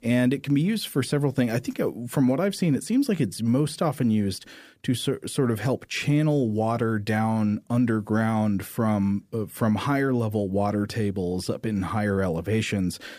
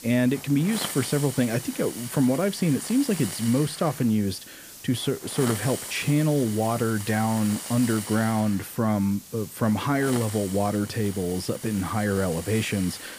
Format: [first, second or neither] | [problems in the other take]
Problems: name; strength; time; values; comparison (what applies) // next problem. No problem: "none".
first | hiss; noticeable; throughout; 10 dB below the speech